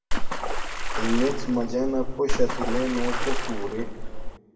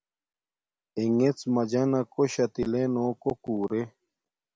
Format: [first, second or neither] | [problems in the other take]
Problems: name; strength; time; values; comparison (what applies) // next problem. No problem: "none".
second | background sound (Water / Splash, splatter); 4 dB above the speech // room echo; dies away in 1.6 s